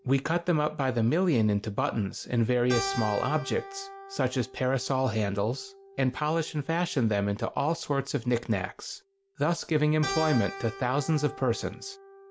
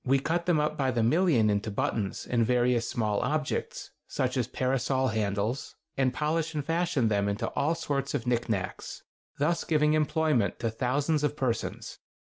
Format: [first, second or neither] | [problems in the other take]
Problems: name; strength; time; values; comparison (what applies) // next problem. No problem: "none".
second | background sound (Keyboard (musical)); 14 dB below the speech